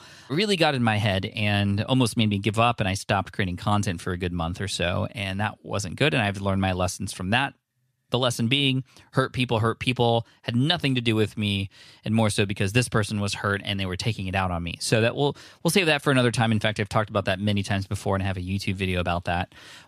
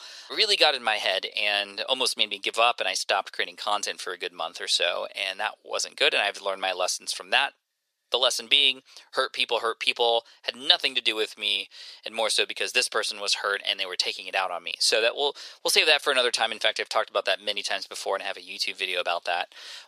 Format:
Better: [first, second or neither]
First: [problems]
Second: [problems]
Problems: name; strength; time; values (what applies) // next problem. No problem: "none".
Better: first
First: none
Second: thin; very; fading below 500 Hz